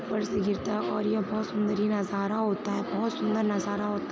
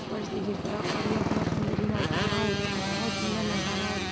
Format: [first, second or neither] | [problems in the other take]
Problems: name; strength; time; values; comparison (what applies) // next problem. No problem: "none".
first | background sound (Motorcycle + Motorcycle); 2 dB above the speech